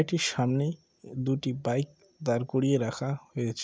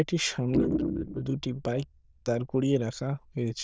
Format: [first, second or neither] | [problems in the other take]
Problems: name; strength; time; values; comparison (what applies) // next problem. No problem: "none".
first | noise reduction (neural diffusion model UNIVERSE++)